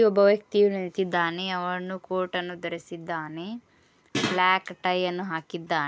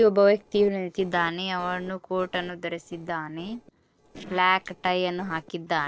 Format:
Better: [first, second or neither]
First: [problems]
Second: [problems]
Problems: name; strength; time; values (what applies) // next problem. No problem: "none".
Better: first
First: none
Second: noise reduction (neural separator model SepFormer DNS4)